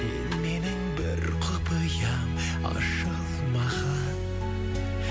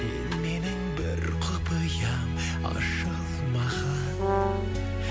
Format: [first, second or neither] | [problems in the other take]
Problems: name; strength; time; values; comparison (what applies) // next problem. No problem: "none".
first | background sound (Brass instrument); 1 dB below the speech